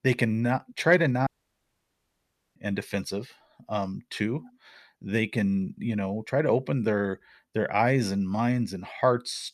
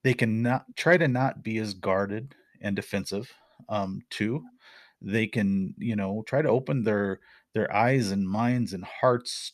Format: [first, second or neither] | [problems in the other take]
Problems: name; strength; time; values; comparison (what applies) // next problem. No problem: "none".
second | audio cutting out; at 1.5 s for 1.5 s